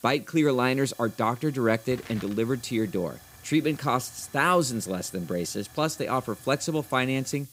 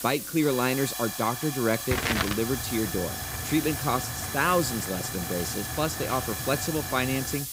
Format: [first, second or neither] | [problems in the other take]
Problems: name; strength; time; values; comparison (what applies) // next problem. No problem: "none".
first | hiss; loud; throughout; 3 dB below the speech; faint in the first